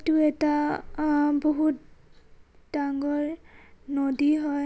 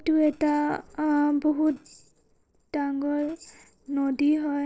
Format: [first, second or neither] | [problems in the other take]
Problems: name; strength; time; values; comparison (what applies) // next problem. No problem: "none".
first | noise reduction (neural separator model SepFormer DNS4)